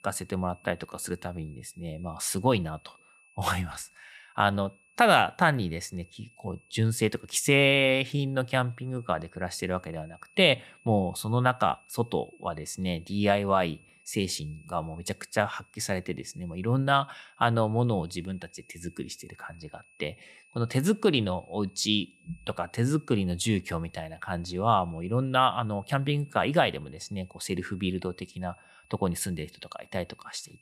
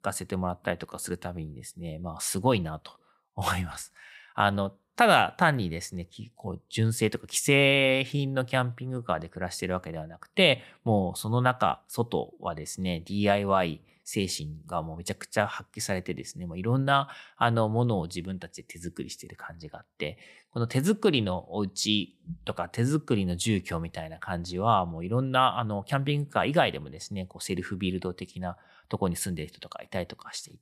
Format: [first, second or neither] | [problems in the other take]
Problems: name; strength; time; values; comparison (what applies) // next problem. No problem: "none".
second | high-pitched whine; faint; throughout; 2.5 kHz, 30 dB below the speech